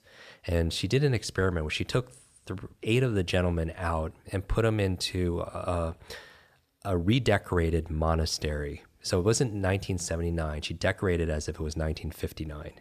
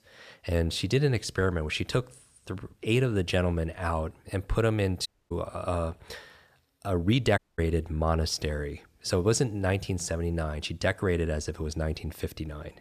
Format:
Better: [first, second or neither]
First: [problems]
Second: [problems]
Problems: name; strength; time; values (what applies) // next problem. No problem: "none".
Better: first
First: none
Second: audio cutting out; at 5 s and at 7.5 s